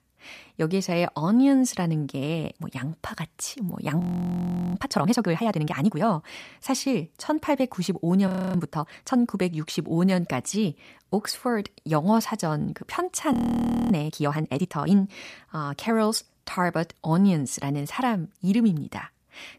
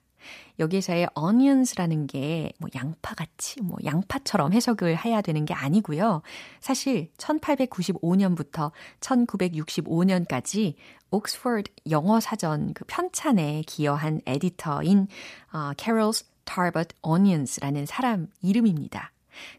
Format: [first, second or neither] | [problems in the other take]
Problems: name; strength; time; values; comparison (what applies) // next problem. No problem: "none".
second | audio freezing; at 4 s for 0.5 s, at 8.5 s and at 13 s for 0.5 s